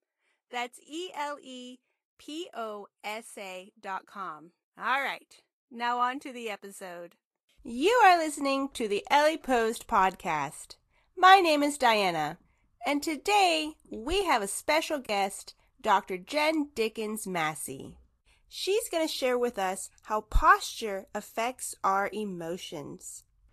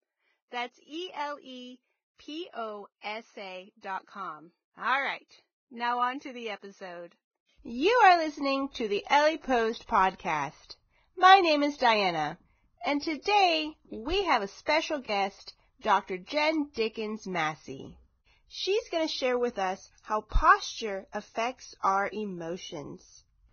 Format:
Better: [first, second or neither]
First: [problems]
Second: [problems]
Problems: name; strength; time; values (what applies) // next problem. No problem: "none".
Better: first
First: garbled, watery; slightly; nothing above 13 kHz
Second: garbled, watery; badly; nothing above 6.5 kHz